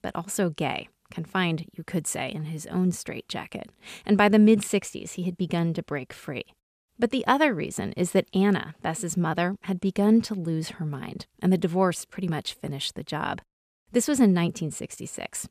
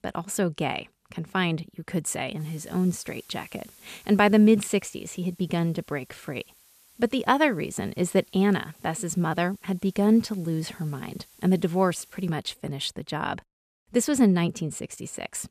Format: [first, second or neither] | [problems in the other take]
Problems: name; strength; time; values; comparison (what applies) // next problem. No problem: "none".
first | hiss; faint; from 2.5 to 12 s; 25 dB below the speech